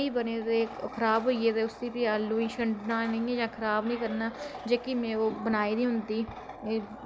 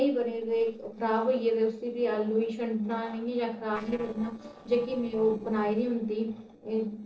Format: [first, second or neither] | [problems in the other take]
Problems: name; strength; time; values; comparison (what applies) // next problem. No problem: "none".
first | noise reduction (neural separator model SepFormer DNS4)